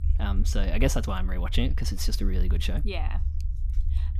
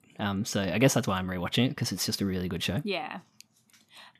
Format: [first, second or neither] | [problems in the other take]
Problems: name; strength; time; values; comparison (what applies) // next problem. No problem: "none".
second | low rumble; noticeable; throughout; 15 dB below the speech